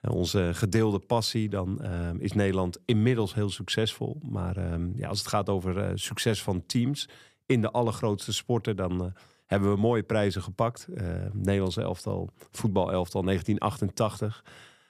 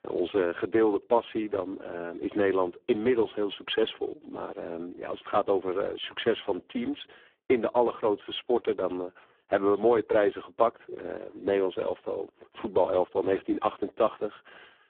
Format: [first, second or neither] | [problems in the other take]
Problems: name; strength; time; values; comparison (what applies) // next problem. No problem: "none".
first | phone-call audio; poor line; nothing above 3.5 kHz